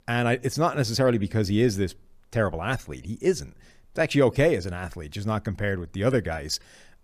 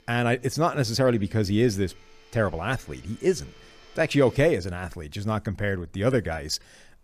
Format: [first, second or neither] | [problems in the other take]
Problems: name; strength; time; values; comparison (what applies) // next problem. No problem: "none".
first | household noises; faint; throughout; 30 dB below the speech